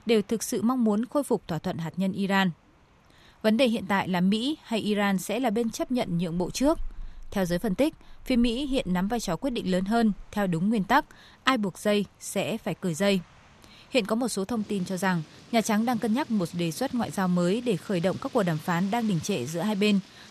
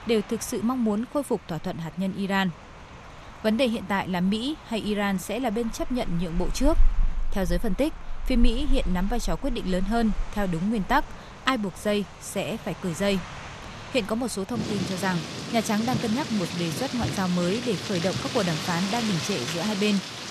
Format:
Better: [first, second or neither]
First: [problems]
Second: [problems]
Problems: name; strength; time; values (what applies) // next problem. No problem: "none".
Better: first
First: rain or running water; faint; throughout; 25 dB below the speech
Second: rain or running water; loud; throughout; 7 dB below the speech